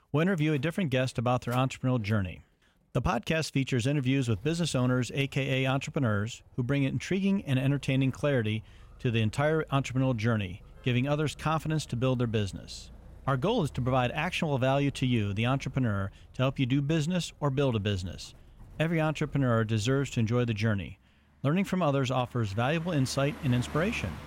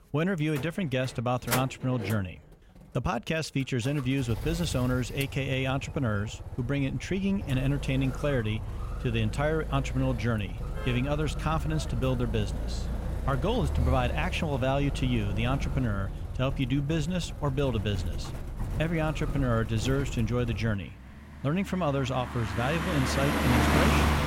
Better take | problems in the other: first | traffic noise; loud; throughout; 4 dB below the speech; faint in the first

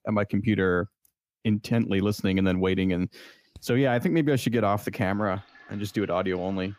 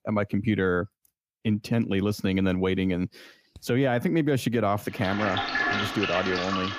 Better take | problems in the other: first | household noises; loud; from 5 s on; 1 dB below the speech; faint in the first

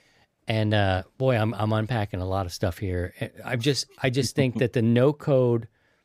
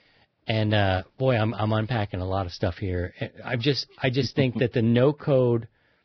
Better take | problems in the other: first | garbled, watery; badly; nothing above 5.5 kHz

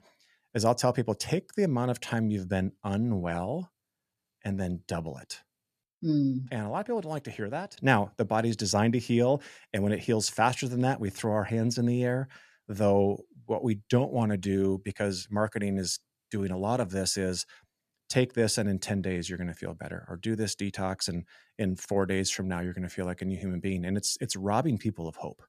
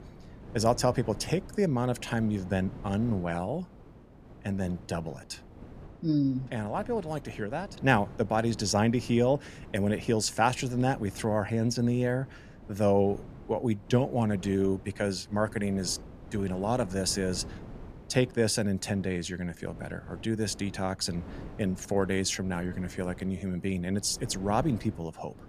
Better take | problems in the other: first | wind noise on the microphone; occasional gusts; 20 dB below the speech

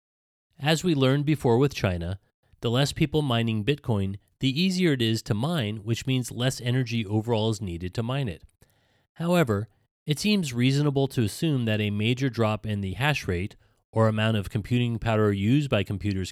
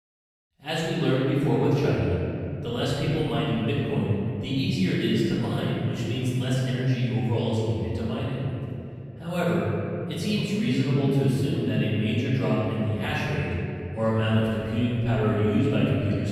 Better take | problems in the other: first | room echo; strong; dies away in 3 s // off-mic speech; far

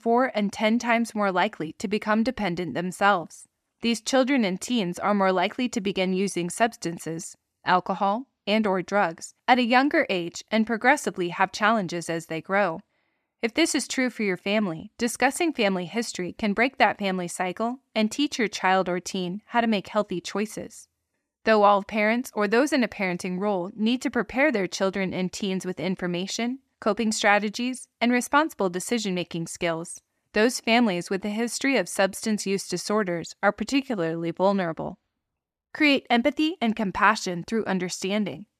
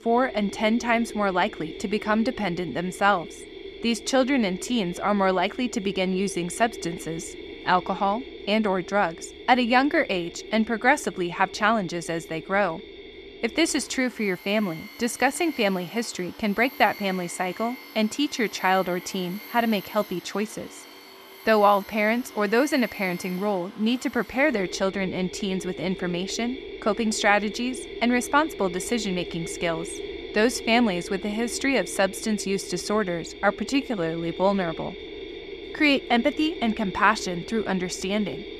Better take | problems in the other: first | machinery noise; noticeable; throughout; 15 dB below the speech

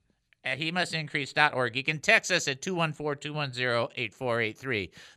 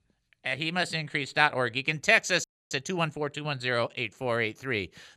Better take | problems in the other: first | audio freezing; at 2.5 s

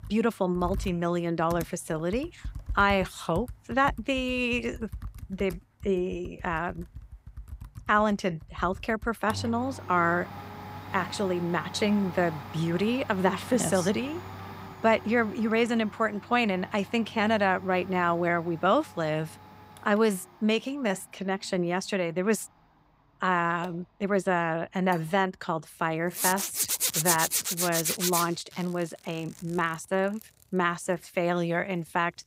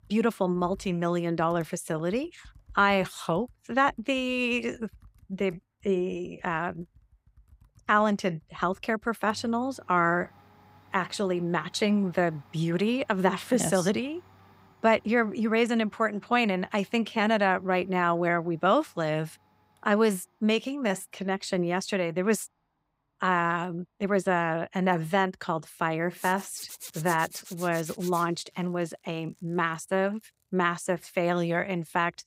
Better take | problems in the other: second | household noises; loud; throughout; 6 dB below the speech; faint in the second

